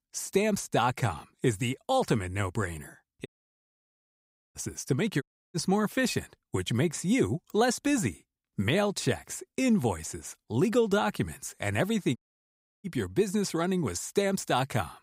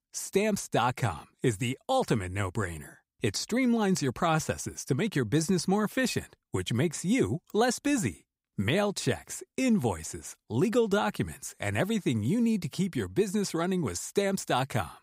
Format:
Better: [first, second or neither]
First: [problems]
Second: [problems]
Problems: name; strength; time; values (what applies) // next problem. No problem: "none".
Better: second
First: audio cutting out; at 3.5 s for 1.5 s, at 5 s and at 12 s for 0.5 s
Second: none